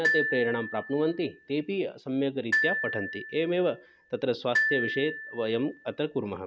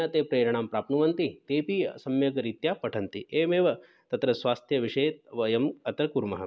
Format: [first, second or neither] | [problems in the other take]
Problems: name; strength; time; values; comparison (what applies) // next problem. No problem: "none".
second | background sound (Glockenspiel); 3 dB below the speech